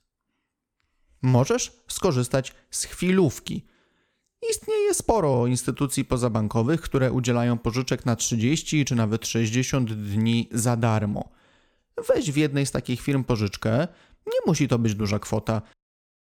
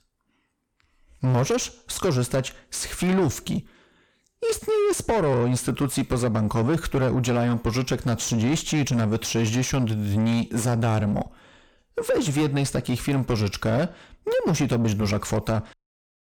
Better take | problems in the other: first | distortion; heavy; 7 dB below the speech

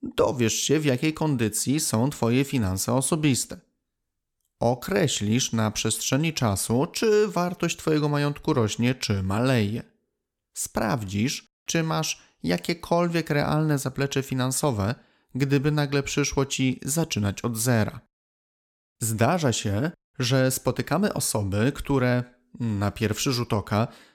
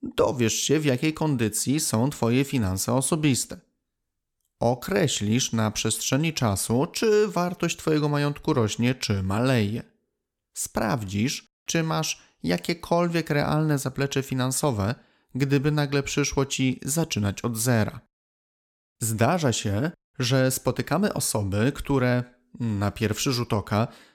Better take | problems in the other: neither | none

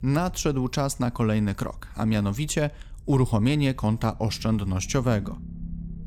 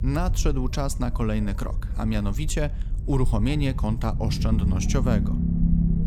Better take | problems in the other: first | low rumble; loud; throughout; 8 dB below the speech; faint in the first

